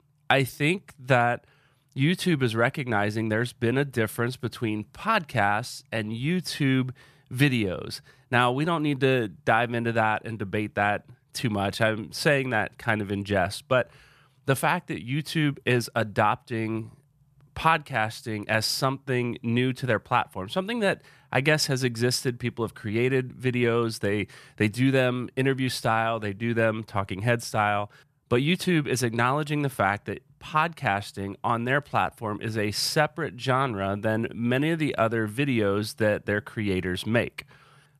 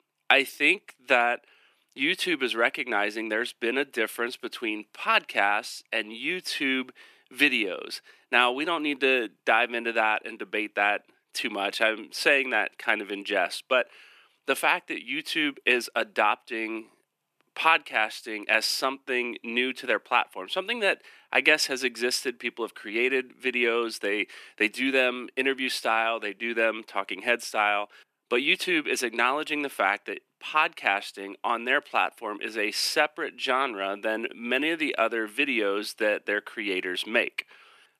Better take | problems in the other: first | thin; somewhat; fading below 250 Hz

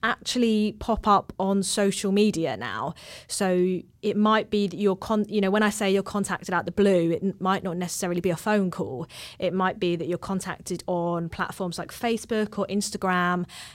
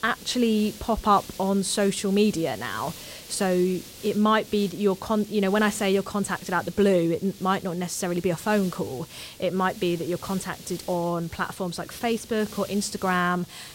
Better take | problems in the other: first | hiss; noticeable; throughout; 15 dB below the speech

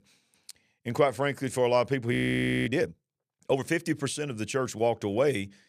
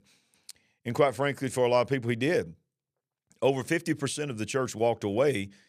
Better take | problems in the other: second | audio freezing; at 2 s for 0.5 s

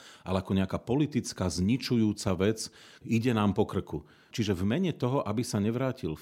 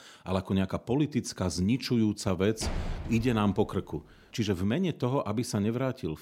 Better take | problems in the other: first | door banging; noticeable; from 2.5 to 3.5 s; peak 6 dB below the speech

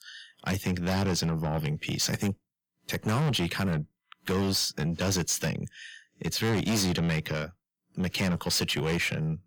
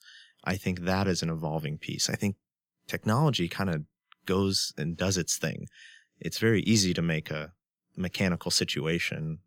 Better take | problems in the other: second | distortion; heavy; 7 dB below the speech

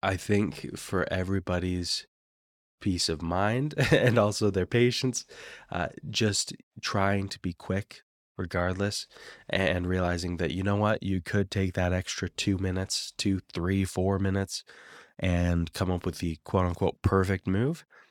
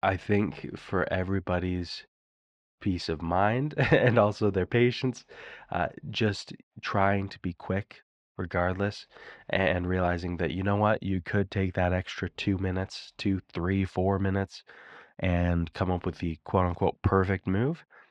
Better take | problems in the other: first | muffled; slightly; fading above 2.5 kHz

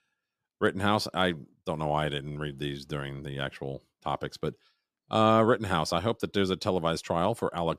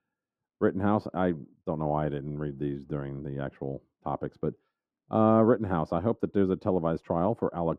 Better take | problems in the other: first | muffled; very; fading above 2 kHz

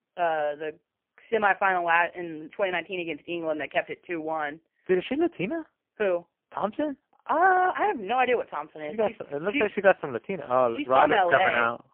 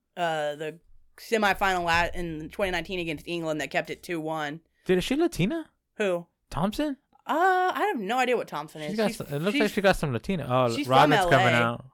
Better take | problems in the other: second | phone-call audio; poor line; nothing above 3 kHz

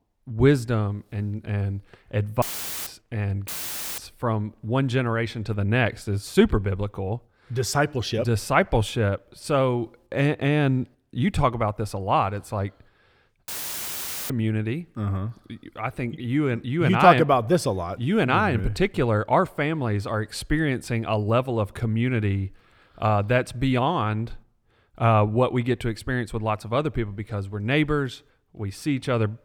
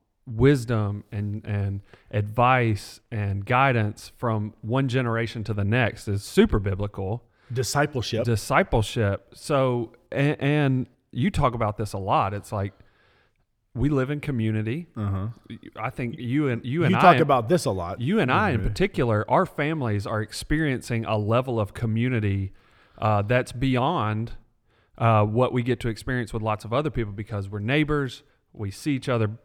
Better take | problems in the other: second | audio cutting out; filled with static; at 2.5 s, at 3.5 s for 0.5 s and at 13 s for 1 s

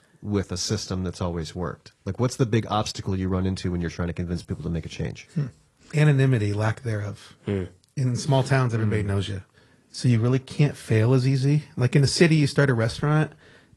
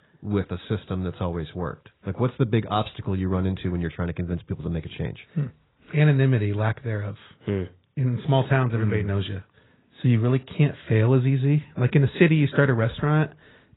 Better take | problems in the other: first | garbled, watery; badly; nothing above 4 kHz; slightly in the first

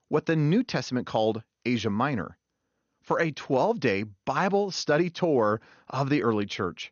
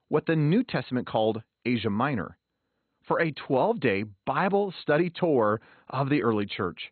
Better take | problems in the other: first | garbled, watery; badly; nothing above 4 kHz; slightly in the first

